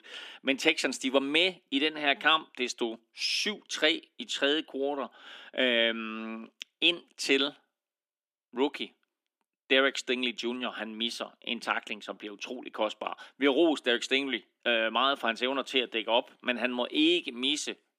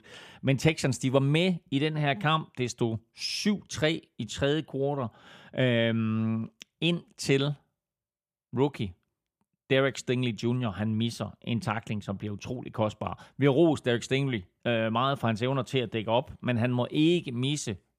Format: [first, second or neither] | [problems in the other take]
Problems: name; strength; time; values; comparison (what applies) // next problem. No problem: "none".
second | thin; somewhat; fading below 250 Hz